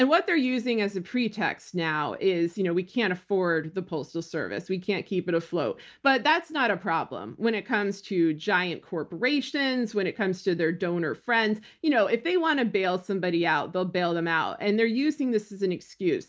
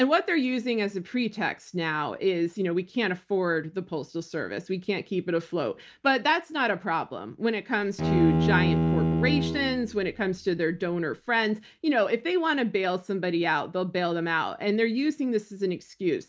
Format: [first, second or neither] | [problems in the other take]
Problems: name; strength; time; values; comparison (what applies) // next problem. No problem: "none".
first | background sound (Bowed string instrument); as loud as the speech